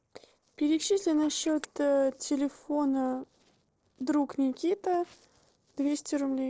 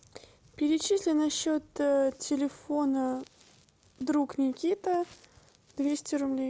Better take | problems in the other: second | noise reduction (neural separator model SepFormer DNS4)

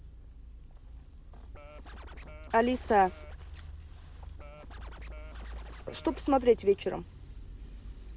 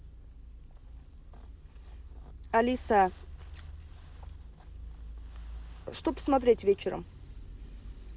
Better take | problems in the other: second | background sound (Scratching (performance technique)); 19 dB below the speech

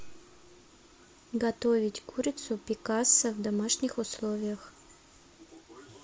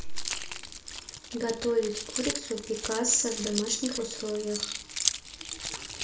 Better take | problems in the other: first | background sound (Keys jangling); 5 dB below the speech // room echo; dies away in 0.4 s

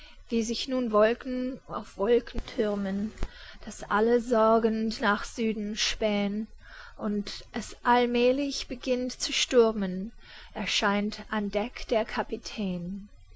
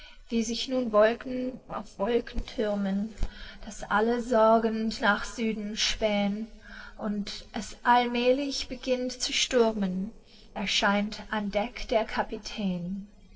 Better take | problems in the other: first | noise reduction (neural separator model SepFormer DNS4)

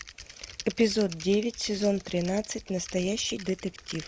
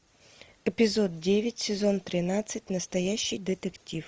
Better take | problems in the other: second | background sound (Typing); 16 dB below the speech

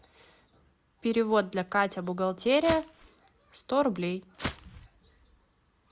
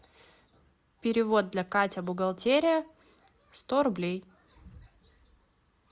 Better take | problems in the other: second | background sound (Walk, footsteps); 8 dB below the speech

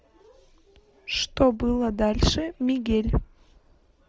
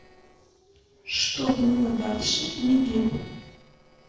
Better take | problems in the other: first | noise reduction (neural separator model SepFormer DNS4)

